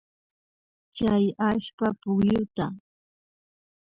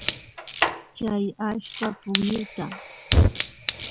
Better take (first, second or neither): first